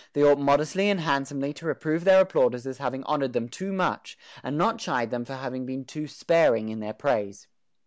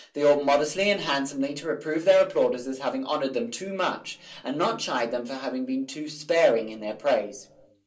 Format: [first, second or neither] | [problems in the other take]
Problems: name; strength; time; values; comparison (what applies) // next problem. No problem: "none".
first | room echo; dies away in 0.3 s